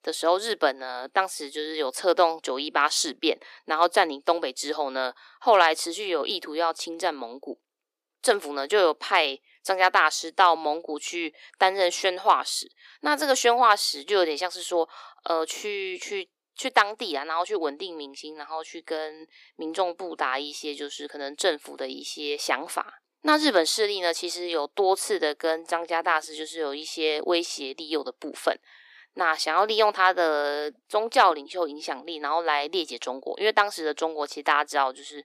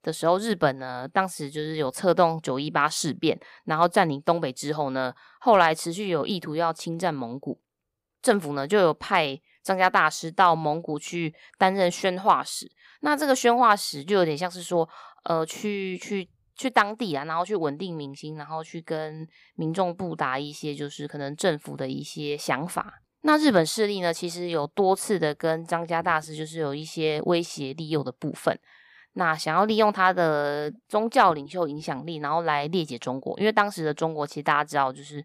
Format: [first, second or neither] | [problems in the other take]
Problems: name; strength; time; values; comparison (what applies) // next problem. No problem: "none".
second | thin; somewhat; fading below 300 Hz